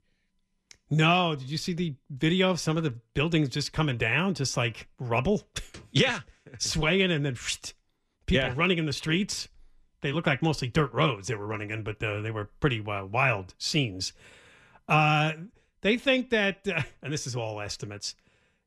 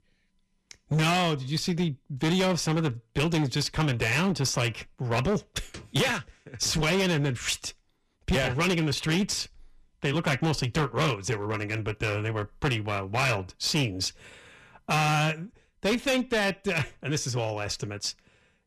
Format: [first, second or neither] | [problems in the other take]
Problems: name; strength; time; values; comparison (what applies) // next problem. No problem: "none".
first | distortion; heavy; 13% of the sound clipped